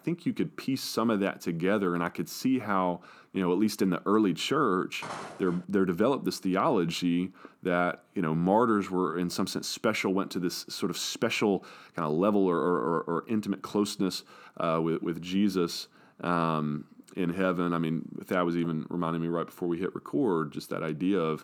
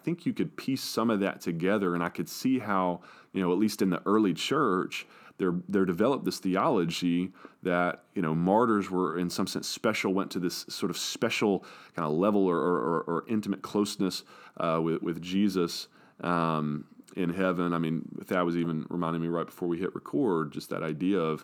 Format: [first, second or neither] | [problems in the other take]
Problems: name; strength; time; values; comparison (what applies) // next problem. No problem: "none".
second | footsteps; faint; at 5 s; peak 10 dB below the speech